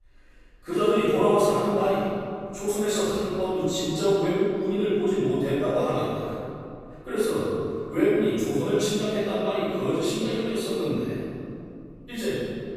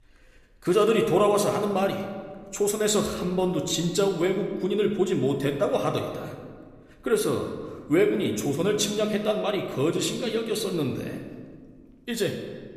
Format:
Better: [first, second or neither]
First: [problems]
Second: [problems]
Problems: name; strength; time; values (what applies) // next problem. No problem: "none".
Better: second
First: room echo; strong; dies away in 2.4 s // off-mic speech; far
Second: room echo; slight; dies away in 1.3 s